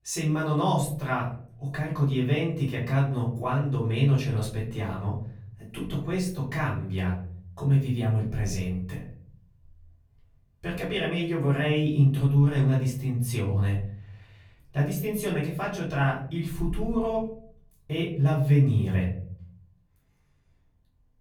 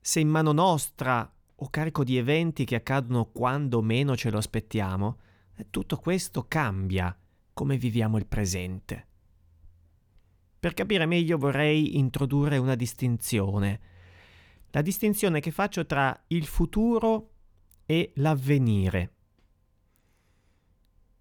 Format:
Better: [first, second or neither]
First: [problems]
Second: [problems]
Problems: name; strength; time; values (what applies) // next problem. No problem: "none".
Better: second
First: off-mic speech; far // room echo; slight; dies away in 0.6 s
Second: none